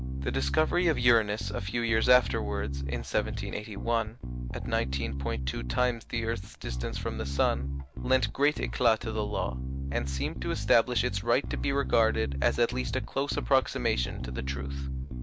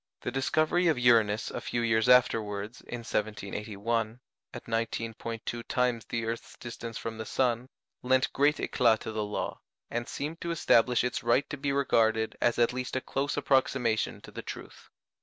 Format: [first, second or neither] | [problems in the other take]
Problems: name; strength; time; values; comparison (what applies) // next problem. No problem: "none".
second | background sound (Bass guitar); 4 dB below the speech